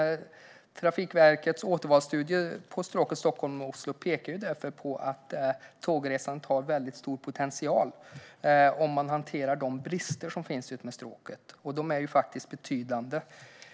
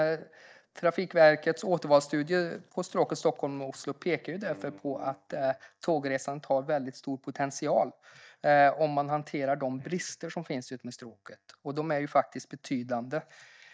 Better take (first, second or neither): first